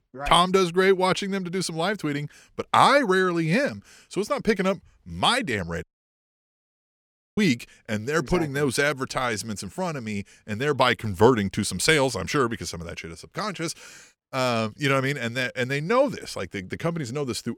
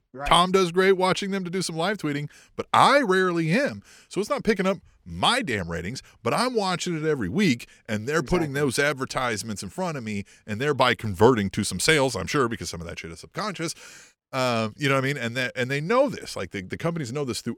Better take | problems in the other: second | audio cutting out; at 6 s for 1.5 s

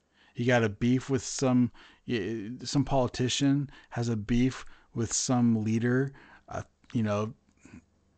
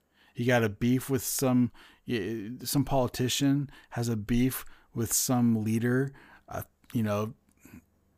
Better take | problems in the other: second | garbled, watery; slightly; nothing above 7.5 kHz

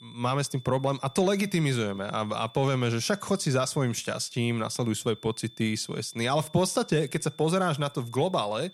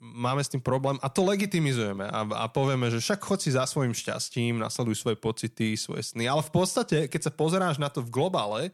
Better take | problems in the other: second | high-pitched whine; faint; throughout; 3.5 kHz, 20 dB below the speech

